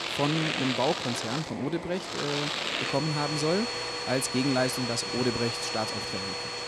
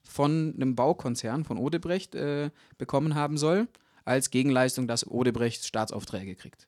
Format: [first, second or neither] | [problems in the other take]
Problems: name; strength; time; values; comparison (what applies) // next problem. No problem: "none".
second | household noises; loud; throughout; as loud as the speech